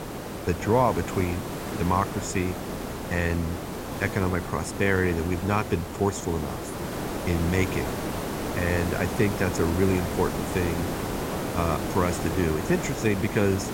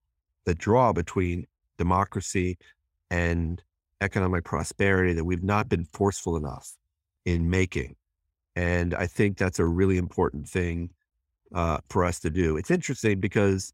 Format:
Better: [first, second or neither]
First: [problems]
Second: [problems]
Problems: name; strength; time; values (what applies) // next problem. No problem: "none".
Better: second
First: hiss; loud; throughout; 5 dB below the speech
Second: none